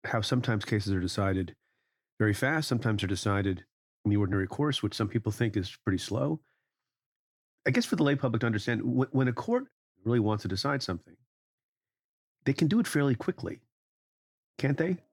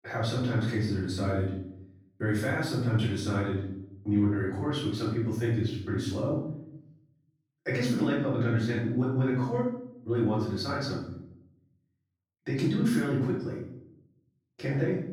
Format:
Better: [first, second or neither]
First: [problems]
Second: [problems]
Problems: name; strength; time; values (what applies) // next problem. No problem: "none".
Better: first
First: none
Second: room echo; noticeable; dies away in 0.7 s // off-mic speech; far